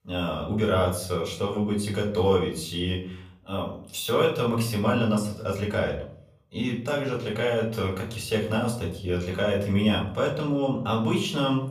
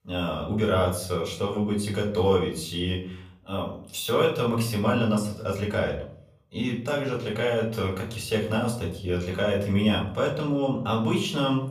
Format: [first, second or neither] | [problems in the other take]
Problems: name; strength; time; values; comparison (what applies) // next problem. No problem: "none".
neither | off-mic speech; far; the same in both // room echo; slight; dies away in 0.5 s; the same in both